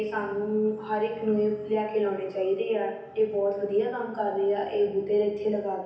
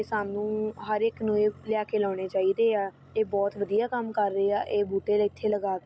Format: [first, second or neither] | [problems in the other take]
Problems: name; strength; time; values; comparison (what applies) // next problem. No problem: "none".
second | room echo; dies away in 0.9 s